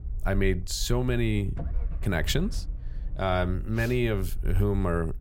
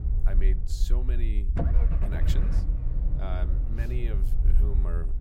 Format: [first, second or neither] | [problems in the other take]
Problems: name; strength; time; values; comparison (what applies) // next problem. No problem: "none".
first | low rumble; loud; throughout; 1 dB below the speech; faint in the first